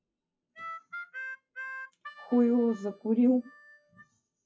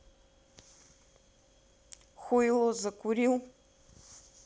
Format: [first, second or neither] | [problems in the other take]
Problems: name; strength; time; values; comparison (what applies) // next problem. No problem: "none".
second | noise reduction (classical method WPE with log-MMSE)